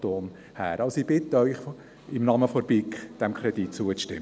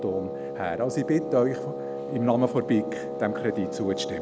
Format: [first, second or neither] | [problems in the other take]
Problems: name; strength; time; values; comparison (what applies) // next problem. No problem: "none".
first | background sound (Wind instrument, woodwind instrument); 6 dB below the speech